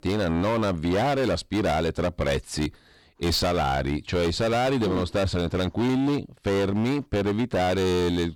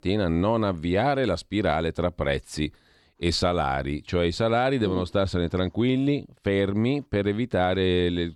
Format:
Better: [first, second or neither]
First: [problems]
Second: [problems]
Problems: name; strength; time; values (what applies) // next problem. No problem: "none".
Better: second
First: distortion; heavy; 24% of the sound clipped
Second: none